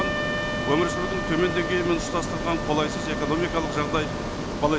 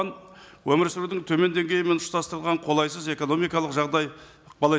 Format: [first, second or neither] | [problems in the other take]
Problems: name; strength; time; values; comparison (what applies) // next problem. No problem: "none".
second | background sound (Ocean + Wind instrument, woodwind instrument); 1 dB below the speech